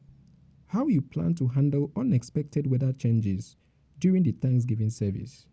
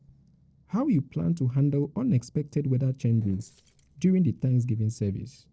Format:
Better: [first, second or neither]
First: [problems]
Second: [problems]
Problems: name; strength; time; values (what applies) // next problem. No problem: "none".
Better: first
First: none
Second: noise reduction (neural separator model SepFormer DNS4)